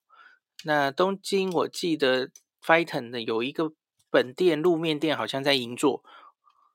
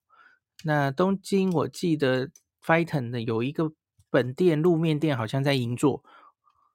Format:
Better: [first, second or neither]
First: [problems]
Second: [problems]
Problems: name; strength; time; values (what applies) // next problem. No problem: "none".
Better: second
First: thin; somewhat; fading below 300 Hz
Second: none